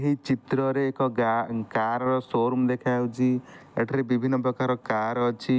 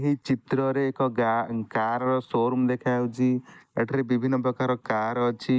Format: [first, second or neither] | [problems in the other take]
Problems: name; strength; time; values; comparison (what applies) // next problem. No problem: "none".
first | noise reduction (neural mask model Resemble Enhance denoiser)